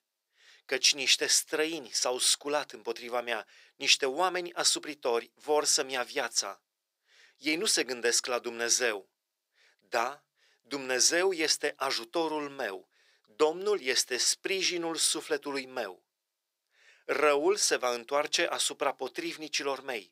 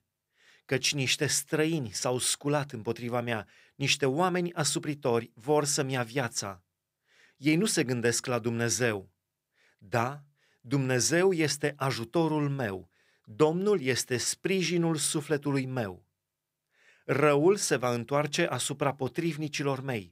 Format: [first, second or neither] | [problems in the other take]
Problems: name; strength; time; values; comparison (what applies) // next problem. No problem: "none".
second | thin; somewhat; fading below 400 Hz